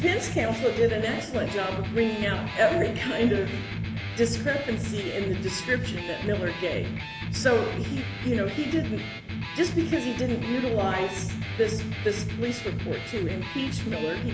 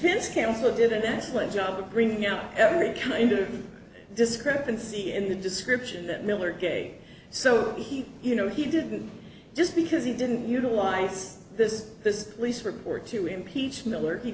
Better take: second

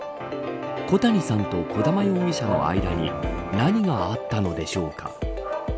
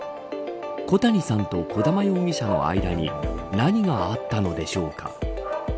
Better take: second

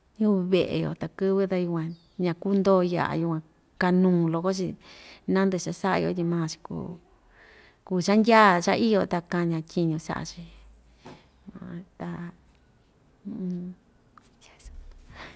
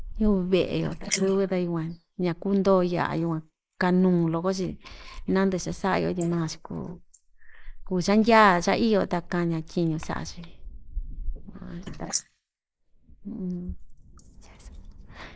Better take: first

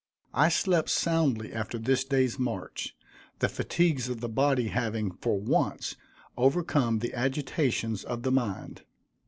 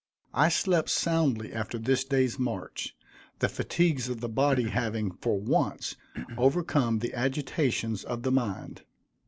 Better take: first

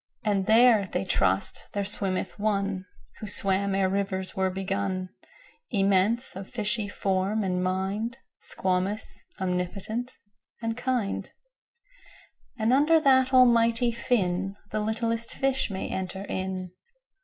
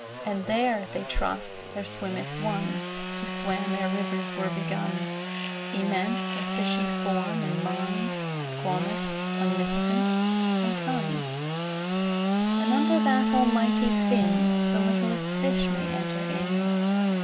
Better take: first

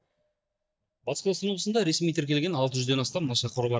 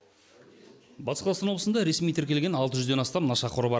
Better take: second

